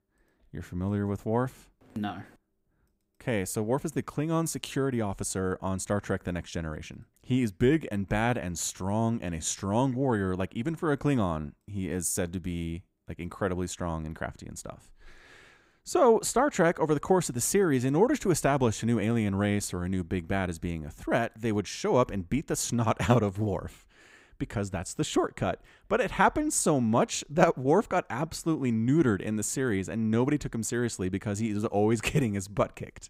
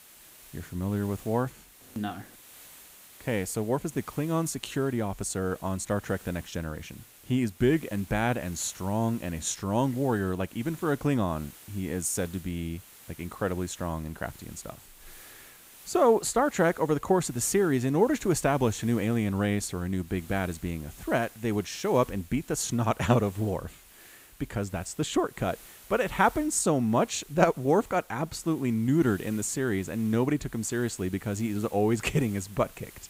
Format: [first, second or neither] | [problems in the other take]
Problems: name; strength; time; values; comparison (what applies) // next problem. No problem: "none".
first | hiss; faint; throughout; 20 dB below the speech